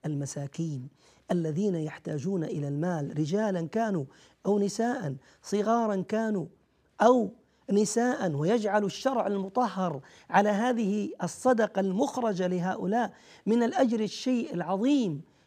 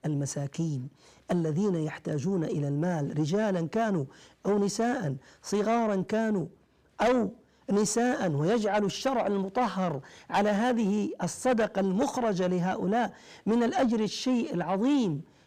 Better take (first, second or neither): first